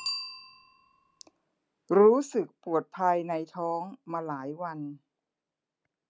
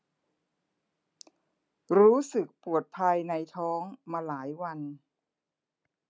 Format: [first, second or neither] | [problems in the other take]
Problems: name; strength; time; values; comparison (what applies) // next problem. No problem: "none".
second | background sound (Bicycle bell); 17 dB below the speech